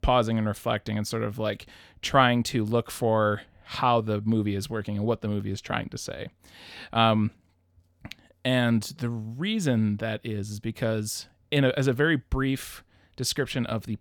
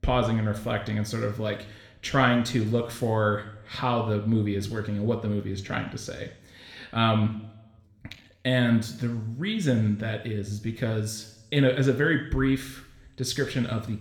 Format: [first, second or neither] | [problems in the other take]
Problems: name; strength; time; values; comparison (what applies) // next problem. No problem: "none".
first | room echo; slight; dies away in 0.7 s